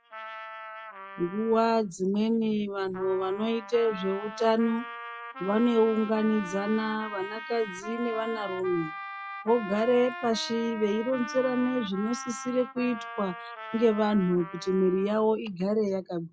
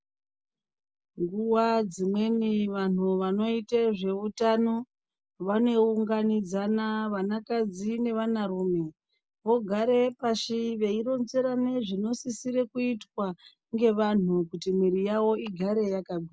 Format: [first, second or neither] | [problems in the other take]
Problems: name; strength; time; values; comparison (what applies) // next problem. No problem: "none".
second | noise reduction (classical method log-MMSE)